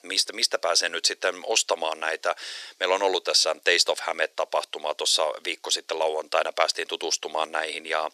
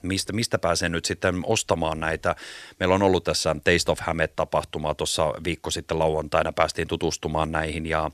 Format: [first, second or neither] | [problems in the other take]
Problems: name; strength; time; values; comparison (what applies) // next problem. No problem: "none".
second | thin; very; fading below 400 Hz